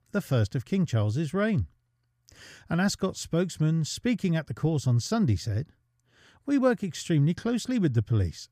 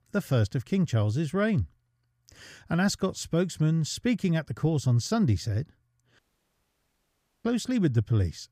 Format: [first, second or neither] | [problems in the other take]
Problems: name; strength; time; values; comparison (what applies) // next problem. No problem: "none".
first | audio cutting out; at 6 s for 1.5 s